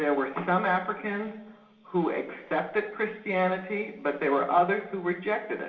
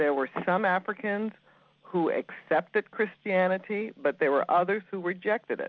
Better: second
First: room echo; dies away in 0.8 s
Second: none

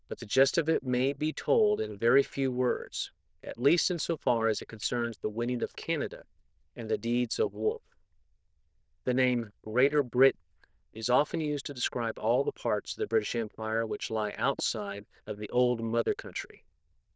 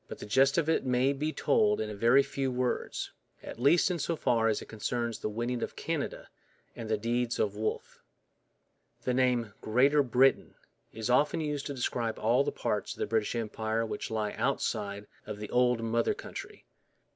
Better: second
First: noise reduction (neural diffusion model UNIVERSE++)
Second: none

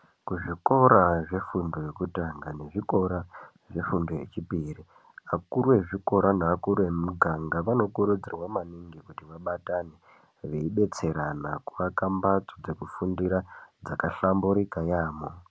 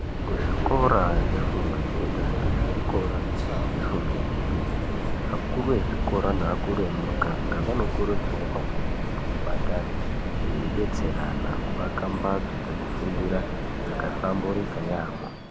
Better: first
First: none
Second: background sound (Subway, metro, underground); 4 dB above the speech

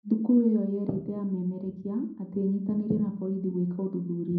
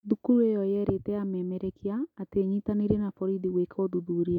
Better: second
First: room echo; dies away in 0.5 s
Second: none

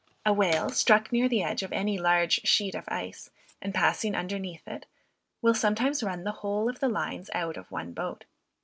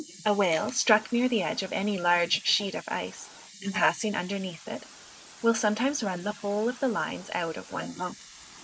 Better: first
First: none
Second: noise reduction (neural mask model Resemble Enhance denoiser)

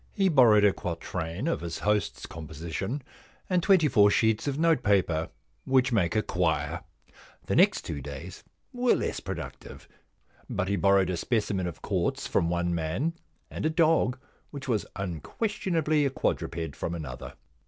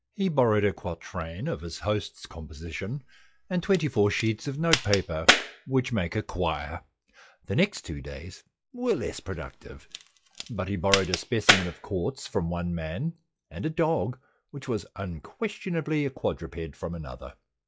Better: first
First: none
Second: noise reduction (classical method log-MMSE)

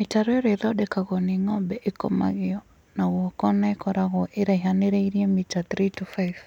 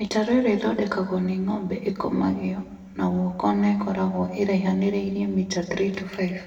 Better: first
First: none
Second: room echo; dies away in 1 s

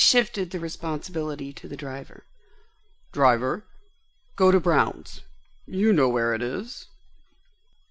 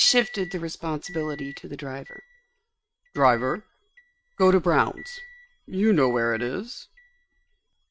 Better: first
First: none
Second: noise reduction (neural mask model RNNoise)

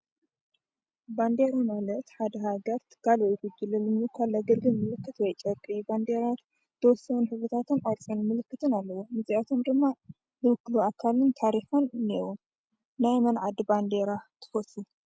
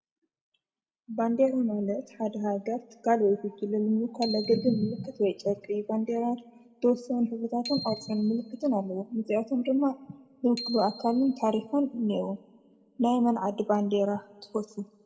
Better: first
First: none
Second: background sound (Bicycle bell); 18 dB below the speech // room echo; dies away in 0.7 s

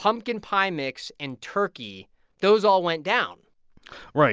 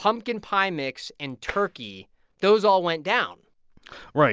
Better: first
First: none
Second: background sound (Tap); 13 dB below the speech

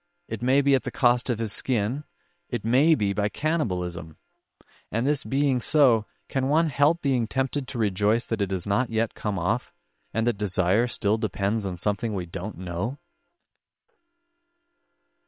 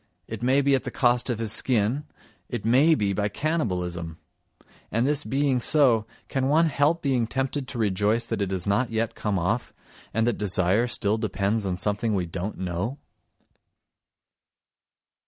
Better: second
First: noise reduction (neural separator model SepFormer WHAM!)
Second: none

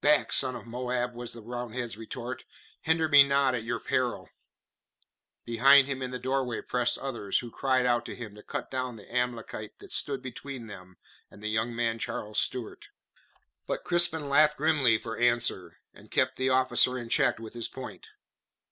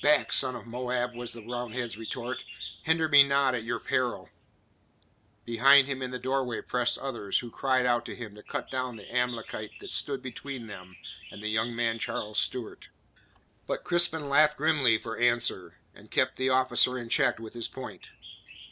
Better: first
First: none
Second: background sound (Bird); 18 dB below the speech

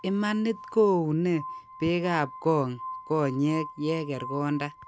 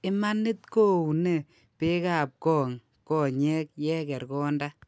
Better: second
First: background sound (Glass); 15 dB below the speech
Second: none

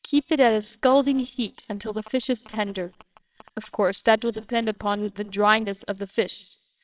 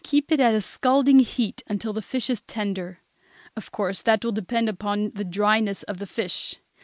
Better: second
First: noise reduction (neural separator model SepFormer WHAMR!)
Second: none

